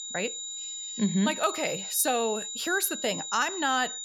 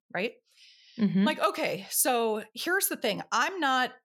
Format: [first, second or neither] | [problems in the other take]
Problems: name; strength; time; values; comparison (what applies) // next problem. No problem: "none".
second | high-pitched whine; loud; throughout; 7 kHz, 6 dB below the speech